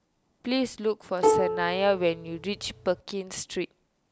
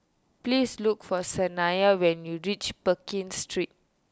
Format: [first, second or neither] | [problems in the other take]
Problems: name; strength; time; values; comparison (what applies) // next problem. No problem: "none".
second | background sound (Plucked string instrument); 1 dB above the speech